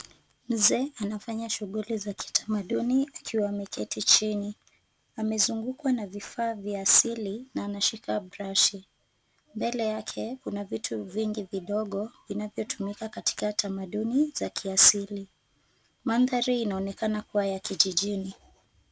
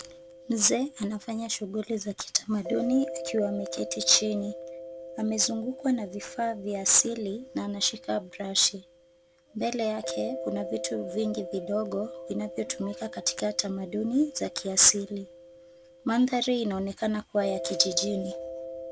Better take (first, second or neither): first